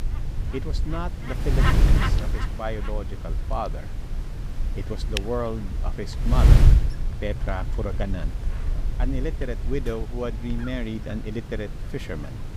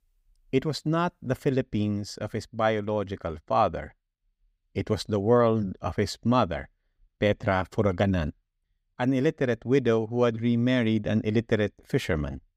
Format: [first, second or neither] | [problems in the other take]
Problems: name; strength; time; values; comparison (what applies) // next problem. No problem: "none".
second | wind noise on the microphone; heavy; 3 dB below the speech